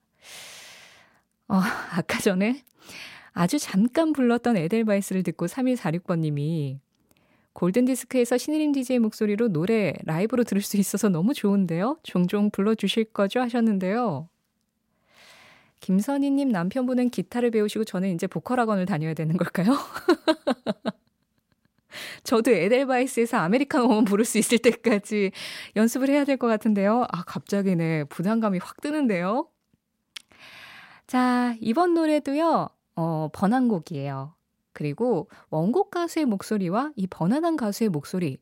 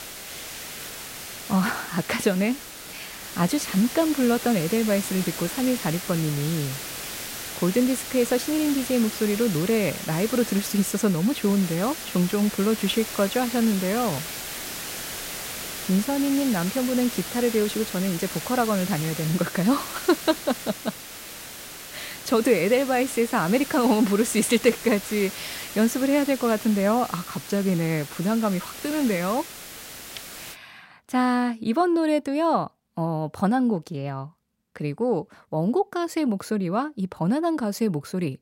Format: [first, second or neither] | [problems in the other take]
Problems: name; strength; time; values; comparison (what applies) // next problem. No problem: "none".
first | hiss; loud; until 31 s; 9 dB below the speech